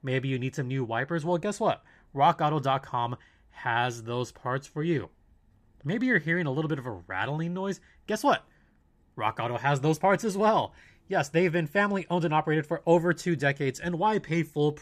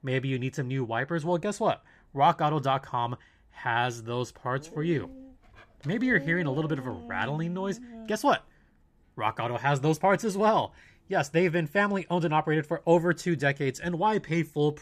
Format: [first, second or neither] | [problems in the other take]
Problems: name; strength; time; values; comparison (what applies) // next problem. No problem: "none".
first | dog barking; faint; from 4.5 to 8.5 s; peak 10 dB below the speech